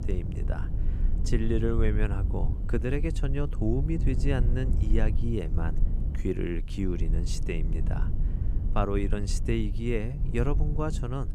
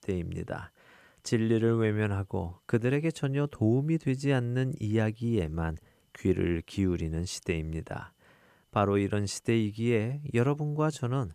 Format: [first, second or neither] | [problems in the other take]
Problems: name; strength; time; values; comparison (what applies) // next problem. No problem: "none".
second | low rumble; noticeable; throughout; 10 dB below the speech